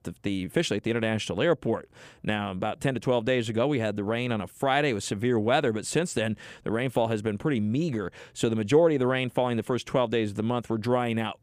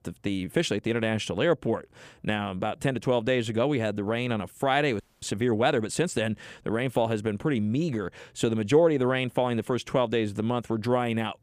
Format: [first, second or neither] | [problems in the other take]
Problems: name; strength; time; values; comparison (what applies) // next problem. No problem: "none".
first | audio freezing; at 5 s